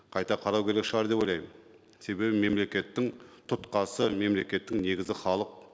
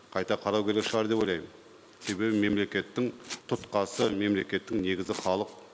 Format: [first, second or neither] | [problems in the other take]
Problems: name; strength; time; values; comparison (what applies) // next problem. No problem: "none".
first | background sound (Domestic sounds, home sounds); 17 dB below the speech